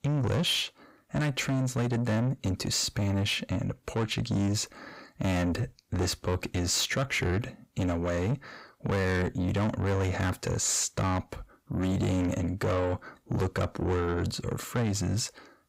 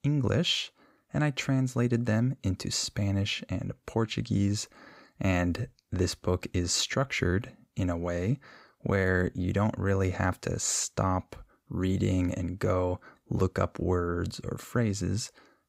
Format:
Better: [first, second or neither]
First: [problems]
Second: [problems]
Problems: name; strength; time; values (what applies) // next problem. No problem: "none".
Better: second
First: distortion; heavy; 8 dB below the speech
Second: none